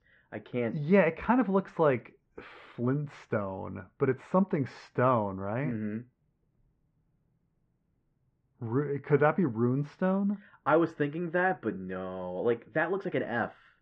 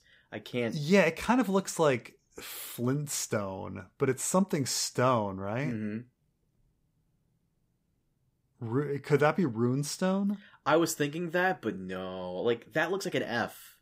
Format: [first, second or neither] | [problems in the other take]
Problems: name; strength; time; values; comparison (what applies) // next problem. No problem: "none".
second | muffled; very; fading above 2 kHz